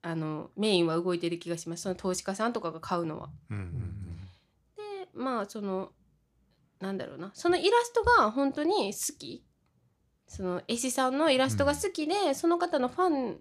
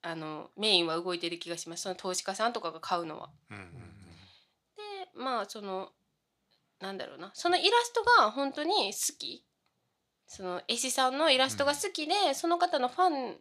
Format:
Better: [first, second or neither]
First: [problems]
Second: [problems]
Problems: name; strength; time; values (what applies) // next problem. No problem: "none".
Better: first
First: none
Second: thin; somewhat; fading below 1 kHz